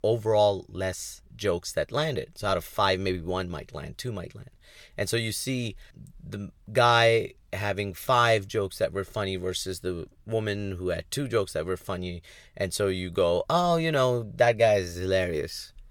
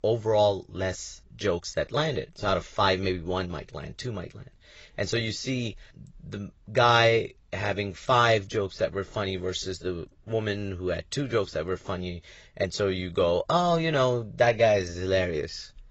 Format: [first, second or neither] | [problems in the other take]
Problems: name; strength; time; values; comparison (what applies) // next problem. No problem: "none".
first | garbled, watery; badly; nothing above 8 kHz